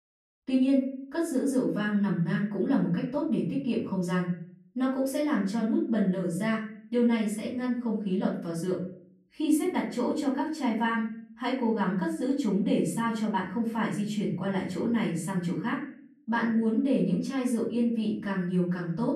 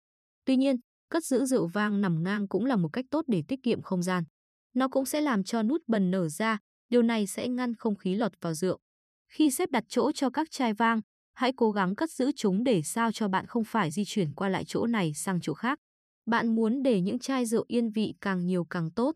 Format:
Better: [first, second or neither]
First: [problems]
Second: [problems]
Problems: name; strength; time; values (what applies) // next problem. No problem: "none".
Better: second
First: off-mic speech; far // room echo; slight; dies away in 0.5 s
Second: none